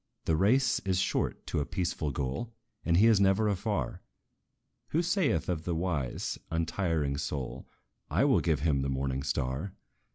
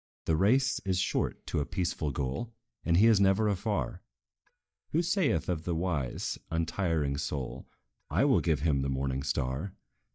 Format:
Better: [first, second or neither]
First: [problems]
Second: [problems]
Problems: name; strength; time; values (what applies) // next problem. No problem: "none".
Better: first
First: none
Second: noise reduction (neural mask model DeepFilterNet 3)